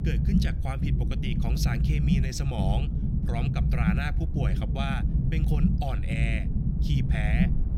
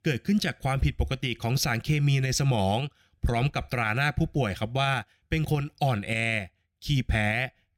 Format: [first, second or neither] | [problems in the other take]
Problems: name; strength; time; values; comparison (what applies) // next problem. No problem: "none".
second | low rumble; loud; throughout; 3 dB below the speech